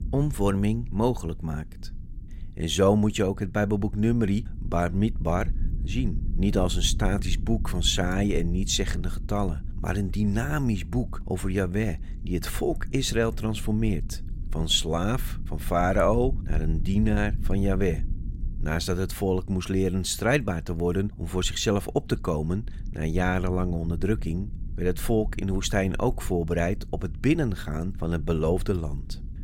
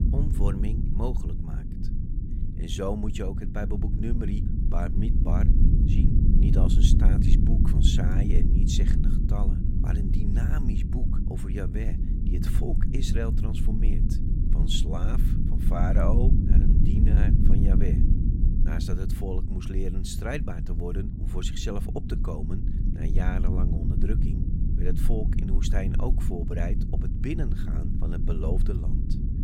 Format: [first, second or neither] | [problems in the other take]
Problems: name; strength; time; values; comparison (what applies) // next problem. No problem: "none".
first | low rumble; loud; throughout; 2 dB below the speech; faint in the first